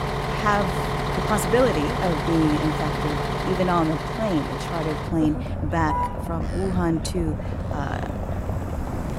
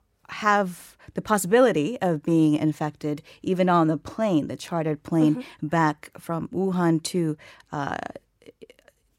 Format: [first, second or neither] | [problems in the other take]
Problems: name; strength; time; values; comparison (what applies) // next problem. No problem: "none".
second | traffic noise; loud; throughout; 2 dB below the speech